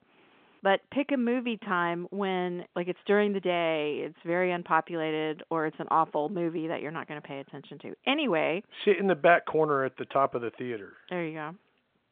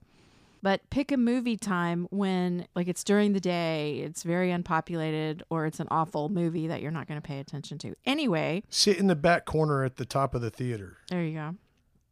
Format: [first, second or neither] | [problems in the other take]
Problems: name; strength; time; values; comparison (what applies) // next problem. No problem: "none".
second | phone-call audio; nothing above 3.5 kHz